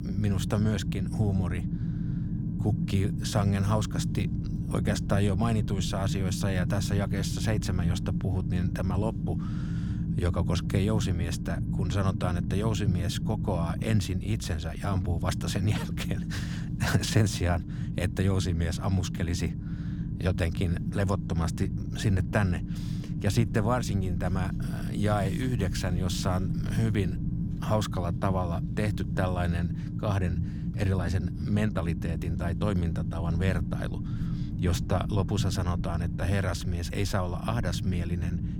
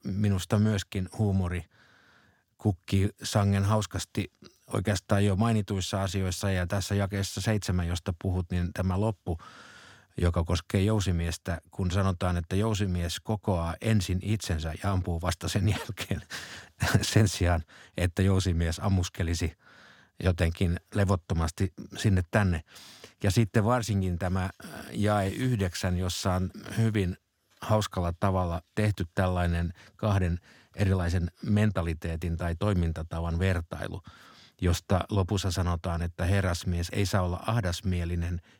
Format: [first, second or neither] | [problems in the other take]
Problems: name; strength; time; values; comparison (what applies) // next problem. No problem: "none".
second | low rumble; loud; throughout; 8 dB below the speech